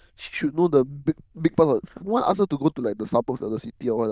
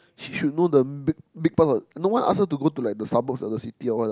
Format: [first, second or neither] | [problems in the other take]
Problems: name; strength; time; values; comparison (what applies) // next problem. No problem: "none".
second | noise reduction (neural diffusion model UNIVERSE++)